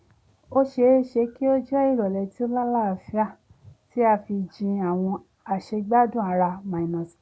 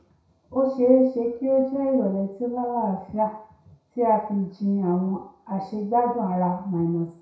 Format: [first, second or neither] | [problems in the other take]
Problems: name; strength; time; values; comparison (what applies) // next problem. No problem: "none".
first | room echo; dies away in 0.6 s